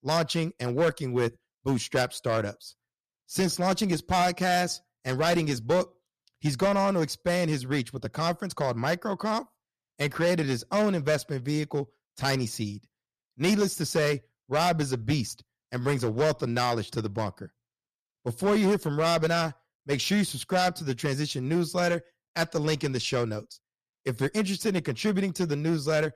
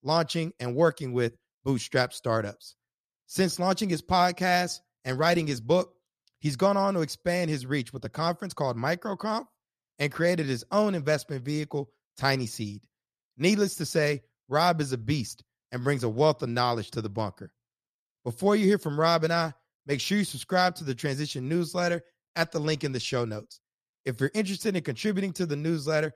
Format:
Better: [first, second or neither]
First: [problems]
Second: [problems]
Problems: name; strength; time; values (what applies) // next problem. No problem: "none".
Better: second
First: distortion; slight; 5% of the sound clipped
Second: none